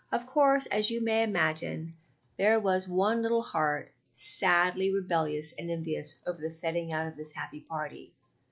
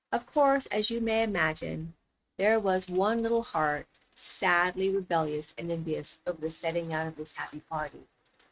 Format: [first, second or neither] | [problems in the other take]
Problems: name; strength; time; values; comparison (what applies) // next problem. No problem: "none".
first | noise reduction (neural mask model RNNoise)